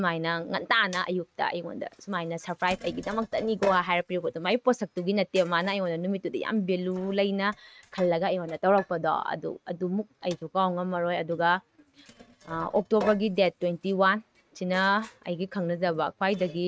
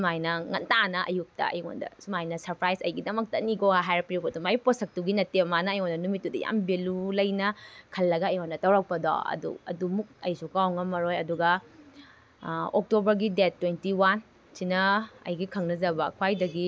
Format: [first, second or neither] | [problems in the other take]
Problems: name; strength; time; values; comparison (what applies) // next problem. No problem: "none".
second | noise reduction (neural mask model RNNoise)